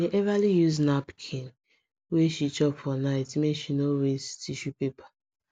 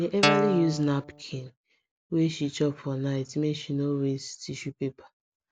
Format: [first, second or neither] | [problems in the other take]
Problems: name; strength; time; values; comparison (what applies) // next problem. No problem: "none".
first | background sound (Guitar); 1 dB above the speech